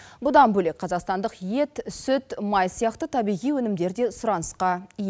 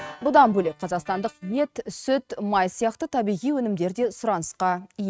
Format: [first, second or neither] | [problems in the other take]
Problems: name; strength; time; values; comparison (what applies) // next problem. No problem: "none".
first | noise reduction (neural mask model RNNoise)